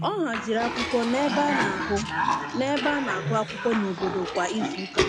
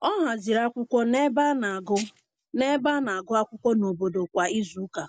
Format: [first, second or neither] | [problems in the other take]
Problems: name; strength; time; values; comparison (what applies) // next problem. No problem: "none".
second | background sound (Cough); 2 dB below the speech